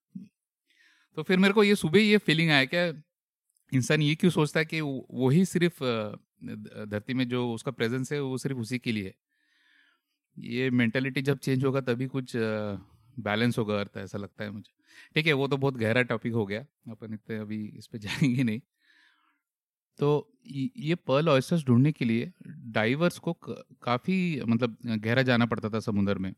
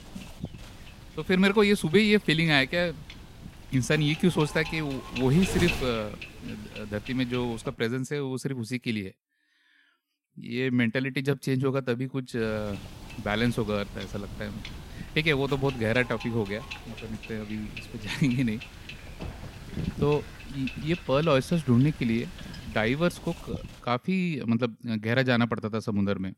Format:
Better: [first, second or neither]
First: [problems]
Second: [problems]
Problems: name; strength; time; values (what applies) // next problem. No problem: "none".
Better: first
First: none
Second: wind noise on the microphone; occasional gusts; until 7.5 s and from 12 to 24 s; 15 dB below the speech